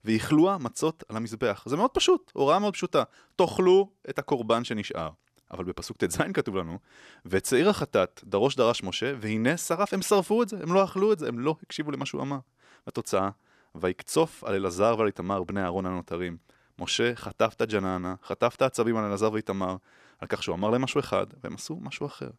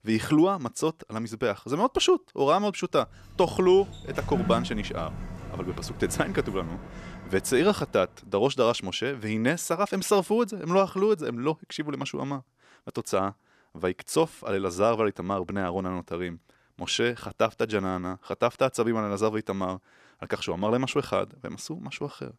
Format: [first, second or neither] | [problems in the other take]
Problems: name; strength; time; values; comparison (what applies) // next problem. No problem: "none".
first | door banging; noticeable; from 3.5 to 7.5 s; peak 3 dB below the speech